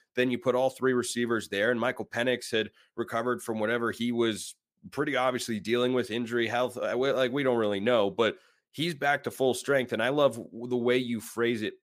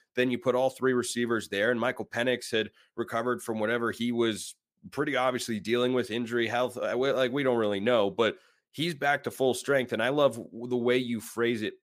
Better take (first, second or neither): neither